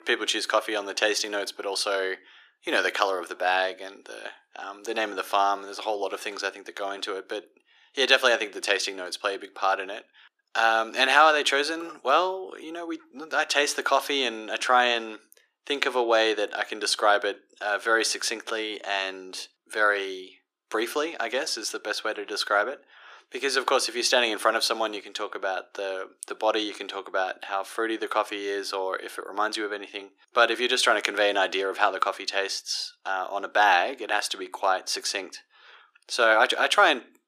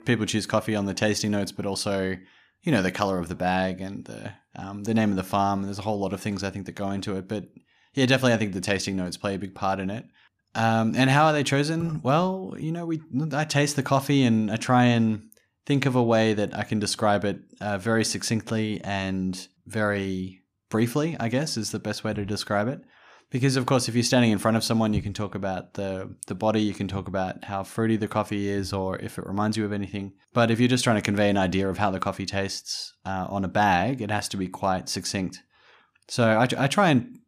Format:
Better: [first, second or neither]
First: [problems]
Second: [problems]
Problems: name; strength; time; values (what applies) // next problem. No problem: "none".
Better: second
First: thin; very; fading below 350 Hz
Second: none